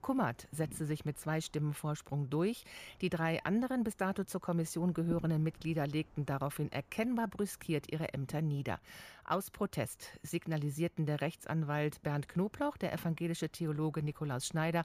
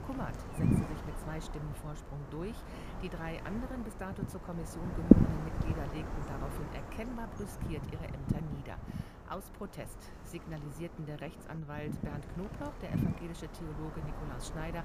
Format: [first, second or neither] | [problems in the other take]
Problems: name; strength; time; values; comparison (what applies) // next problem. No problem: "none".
first | wind noise on the microphone; heavy; 5 dB above the speech; occasional gusts in the first